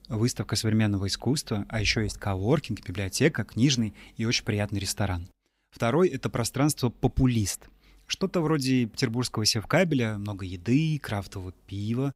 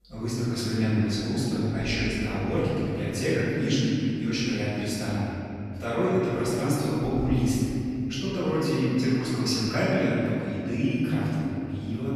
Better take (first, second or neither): first